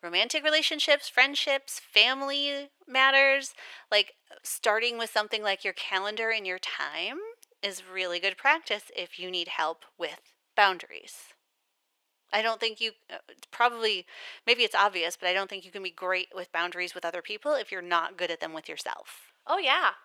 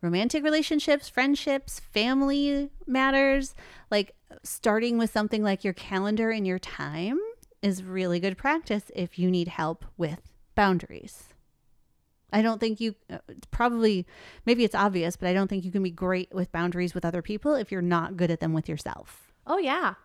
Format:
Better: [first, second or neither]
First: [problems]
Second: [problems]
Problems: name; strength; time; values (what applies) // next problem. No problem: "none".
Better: second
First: thin; very; fading below 550 Hz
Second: none